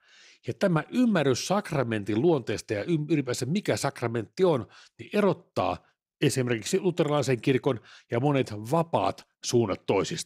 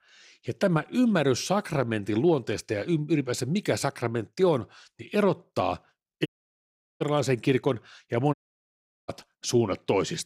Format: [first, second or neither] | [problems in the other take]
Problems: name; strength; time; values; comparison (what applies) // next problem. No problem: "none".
first | audio cutting out; at 6.5 s for 0.5 s and at 8.5 s for 0.5 s